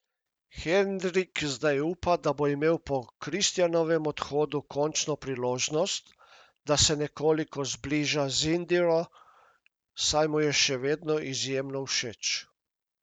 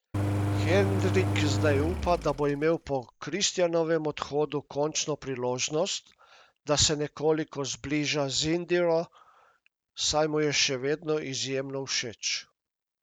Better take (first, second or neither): first